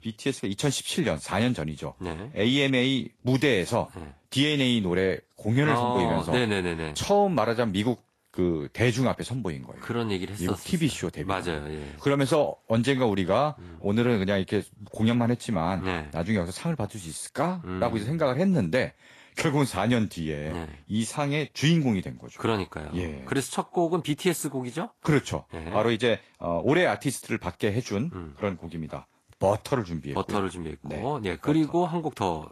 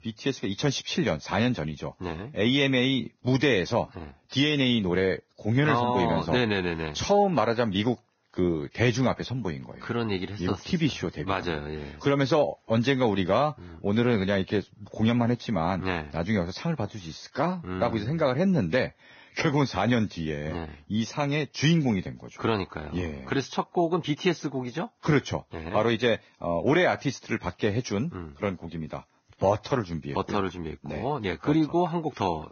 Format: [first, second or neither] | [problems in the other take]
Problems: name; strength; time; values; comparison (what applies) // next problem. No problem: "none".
first | garbled, watery; badly; nothing above 6.5 kHz; slightly in the first